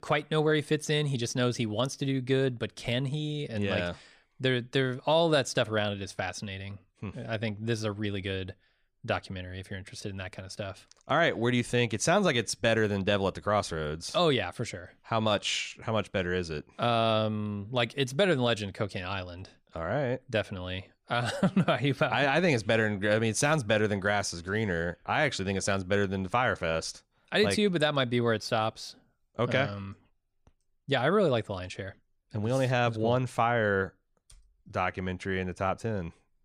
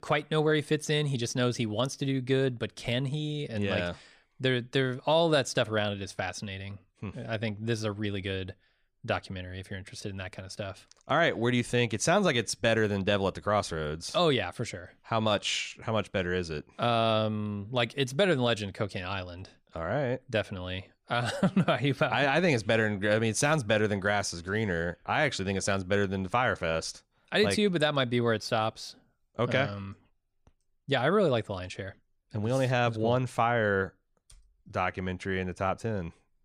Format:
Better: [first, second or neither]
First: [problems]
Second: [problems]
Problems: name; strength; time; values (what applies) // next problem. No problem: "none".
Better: neither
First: none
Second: none